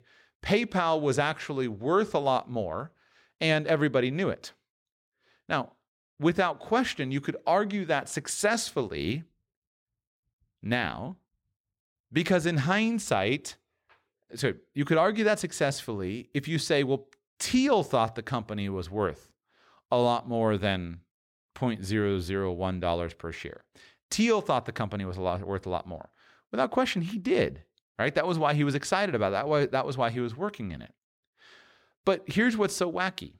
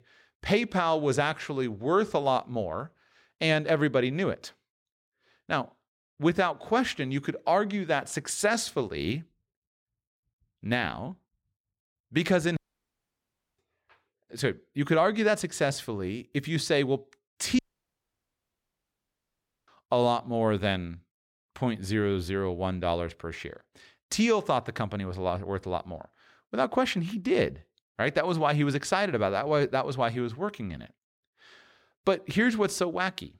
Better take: first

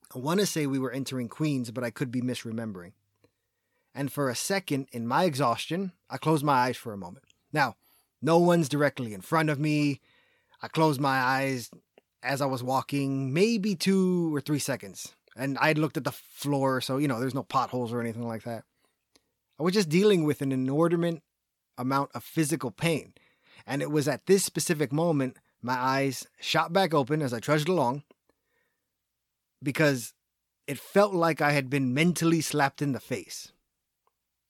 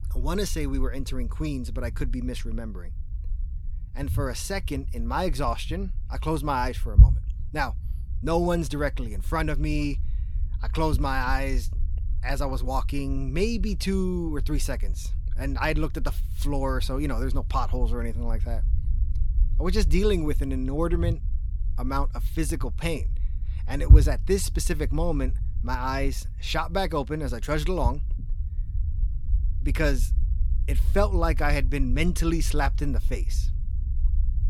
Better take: first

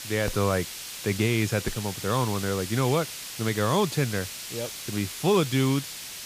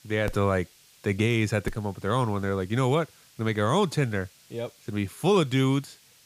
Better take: second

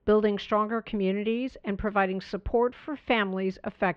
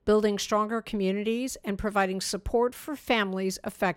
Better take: second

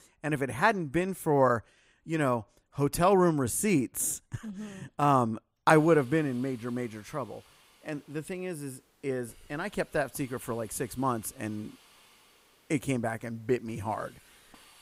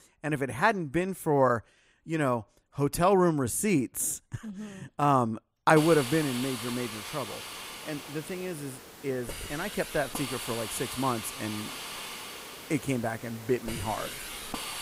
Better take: first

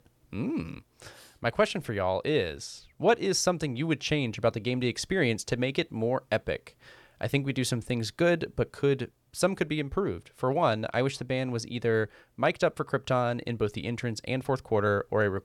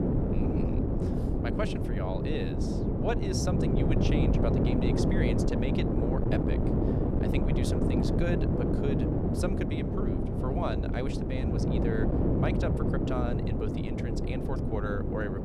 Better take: first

